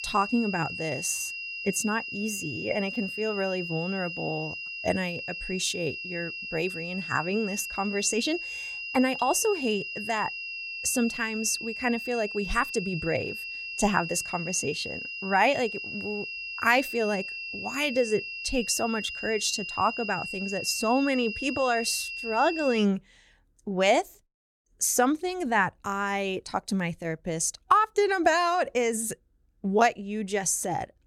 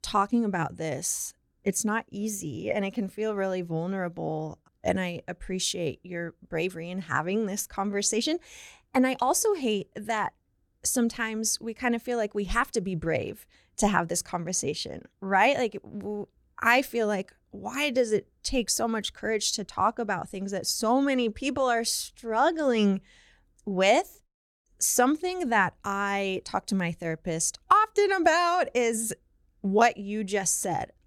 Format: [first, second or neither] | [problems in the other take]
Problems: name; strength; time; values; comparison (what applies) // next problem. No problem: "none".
second | high-pitched whine; loud; until 23 s; 2.5 kHz, 6 dB below the speech